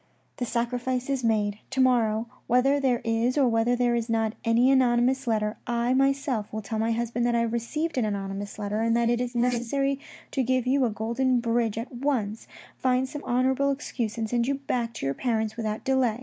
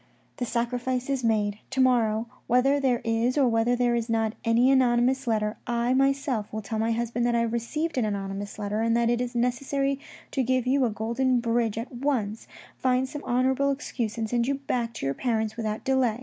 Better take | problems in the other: second | noise reduction (neural mask model Resemble Enhance denoiser)

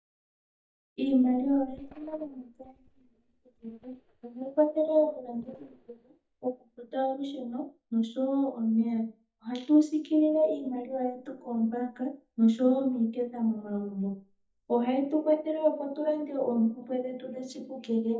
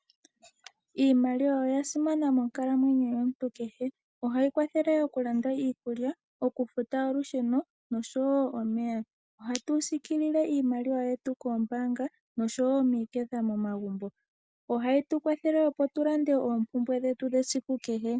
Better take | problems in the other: second | noise reduction (neural mask model DeepFilterNet 3)

